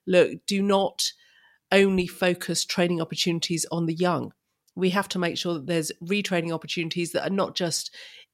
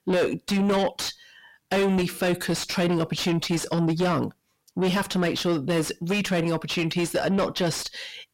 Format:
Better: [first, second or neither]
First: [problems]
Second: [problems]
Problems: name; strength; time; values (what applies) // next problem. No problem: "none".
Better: first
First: none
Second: distortion; heavy; 5 dB below the speech